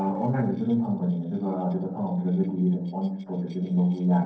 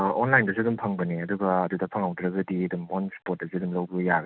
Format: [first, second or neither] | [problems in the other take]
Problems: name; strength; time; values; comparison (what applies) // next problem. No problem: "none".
second | noise reduction (neural separator model SepFormer DNS4)